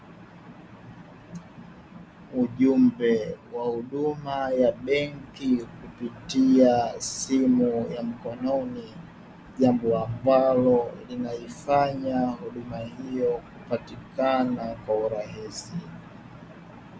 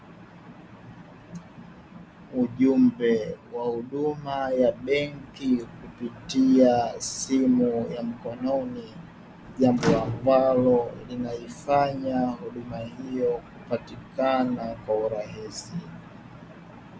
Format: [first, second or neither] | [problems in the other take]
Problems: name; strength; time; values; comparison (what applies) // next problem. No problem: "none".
first | background sound (Microwave oven); 10 dB below the speech